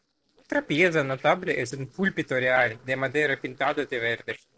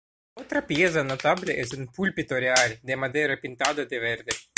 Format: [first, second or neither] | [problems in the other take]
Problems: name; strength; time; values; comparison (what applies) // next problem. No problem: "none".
second | noise reduction (neural separator model SepFormer DNS4)